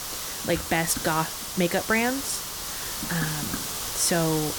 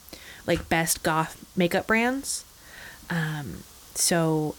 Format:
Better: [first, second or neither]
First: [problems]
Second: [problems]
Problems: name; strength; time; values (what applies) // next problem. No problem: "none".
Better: second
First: hiss; loud; throughout; 4 dB below the speech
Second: hiss; faint; throughout; 20 dB below the speech